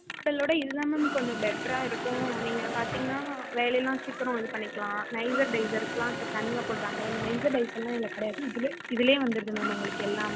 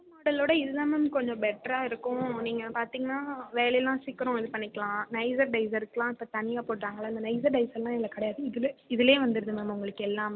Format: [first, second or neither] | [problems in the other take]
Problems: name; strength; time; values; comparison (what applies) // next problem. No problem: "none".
second | background sound (Mechanisms + Applause / Cheering); 6 dB below the speech